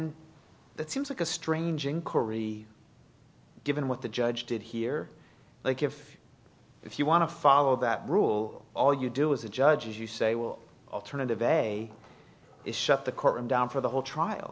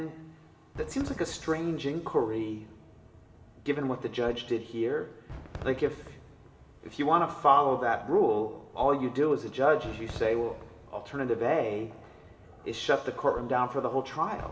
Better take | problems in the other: first | background sound (Fireworks); 19 dB below the speech // room echo; dies away in 1.6 s

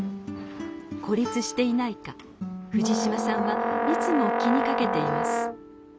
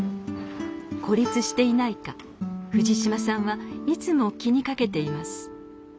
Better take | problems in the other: second | background sound (Brass instrument); 1 dB above the speech

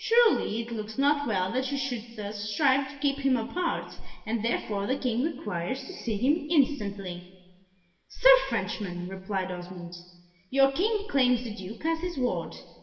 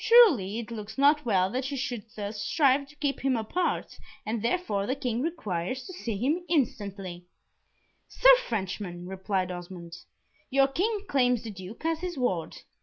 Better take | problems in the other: second | room echo; dies away in 1.2 s

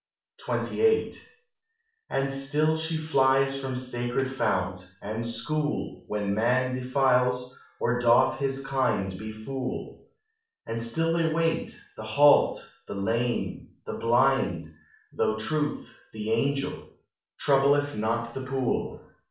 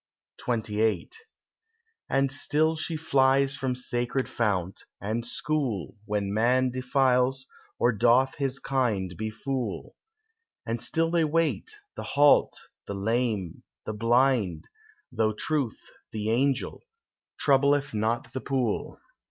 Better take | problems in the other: second | room echo; dies away in 0.5 s

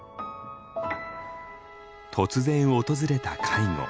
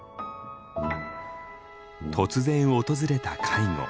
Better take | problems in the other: first | background sound (Brass instrument); 9 dB below the speech

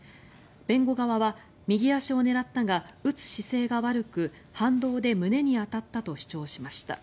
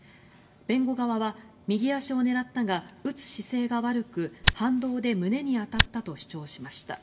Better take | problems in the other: first | background sound (Tick); 2 dB above the speech // room echo; dies away in 0.5 s

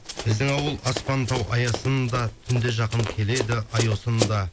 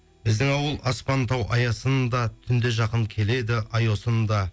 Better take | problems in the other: second | background sound (Run); 8 dB below the speech

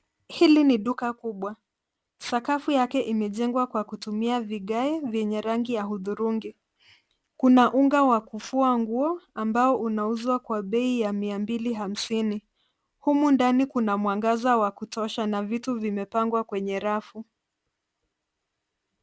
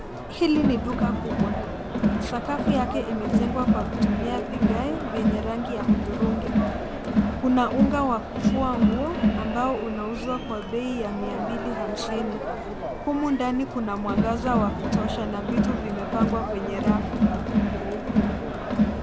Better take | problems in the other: first | background sound (Crowd); 3 dB above the speech

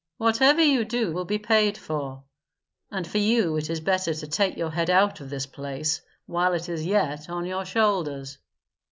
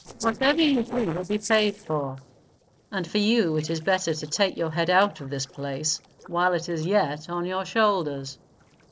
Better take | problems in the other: first | noise reduction (neural separator model SepFormer DNS4)

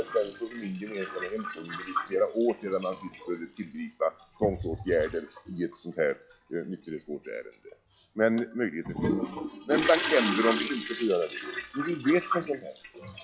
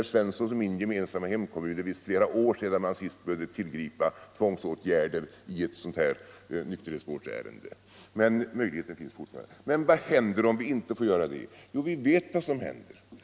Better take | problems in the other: second | noise reduction (classical method log-MMSE)

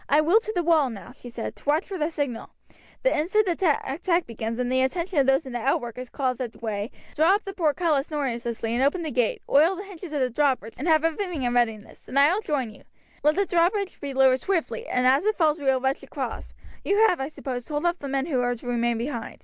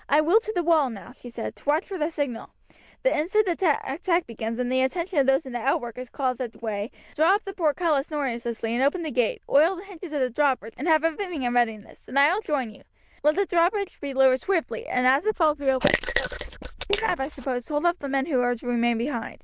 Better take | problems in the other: first | noise reduction (neural diffusion model UNIVERSE++)

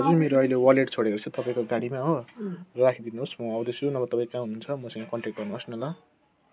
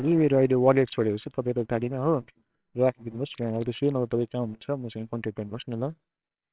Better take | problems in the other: first | noise reduction (neural separator model SepFormer WHAMR!)

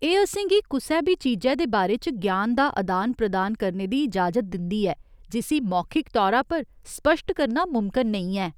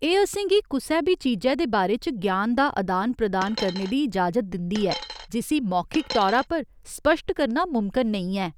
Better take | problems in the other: first | background sound (Coin (dropping)); 11 dB below the speech

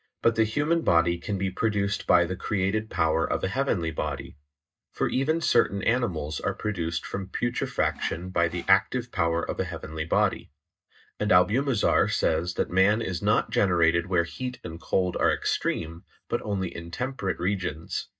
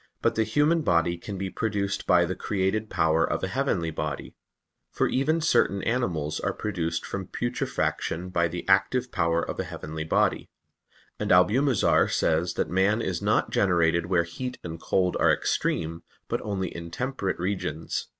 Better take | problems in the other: second | noise reduction (neural mask model DeepFilterNet 3)

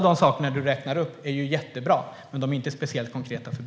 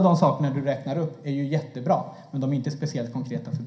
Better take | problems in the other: first | room echo; dies away in 0.3 s

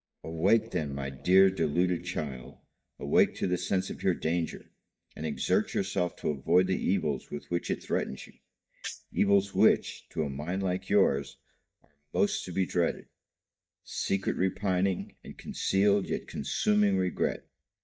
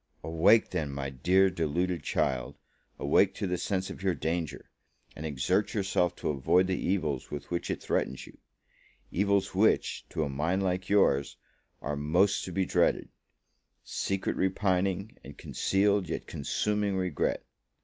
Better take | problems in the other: second | noise reduction (neural mask model DeepFilterNet 3)

